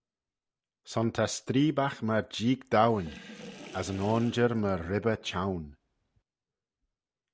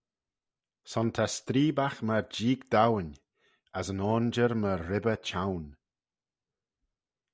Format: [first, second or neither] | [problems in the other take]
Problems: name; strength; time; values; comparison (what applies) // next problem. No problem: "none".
second | background sound (Sink (filling or washing) / Water); 18 dB below the speech